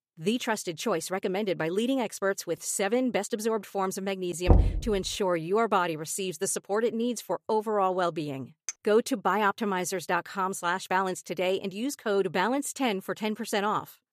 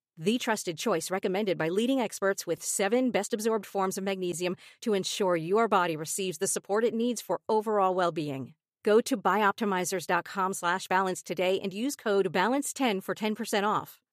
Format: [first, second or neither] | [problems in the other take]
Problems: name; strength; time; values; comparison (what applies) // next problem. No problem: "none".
second | door banging; loud; at 4.5 s; peak 5 dB above the speech // clattering dishes; very faint; at 8.5 s; peak 10 dB below the speech